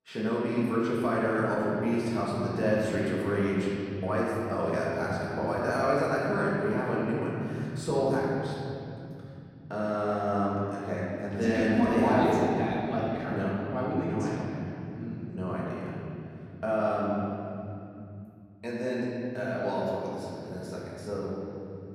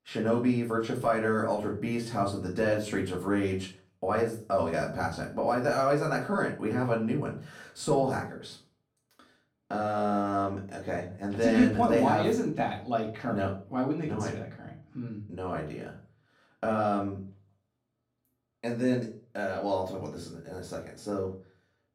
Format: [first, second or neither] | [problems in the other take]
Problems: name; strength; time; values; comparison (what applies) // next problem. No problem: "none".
second | room echo; strong; dies away in 3 s; slight in the second // off-mic speech; far; far in the second